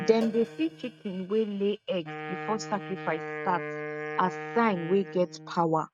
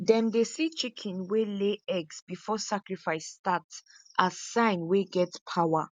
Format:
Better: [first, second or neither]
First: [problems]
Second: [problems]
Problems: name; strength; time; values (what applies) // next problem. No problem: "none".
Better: second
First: noise reduction (neural mask model RNNoise)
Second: none